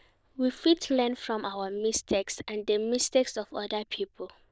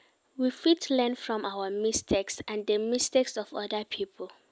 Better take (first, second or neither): second